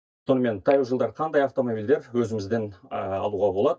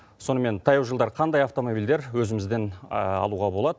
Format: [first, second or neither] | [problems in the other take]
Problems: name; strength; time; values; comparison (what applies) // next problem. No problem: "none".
second | noise reduction (neural mask model DeepFilterNet 3)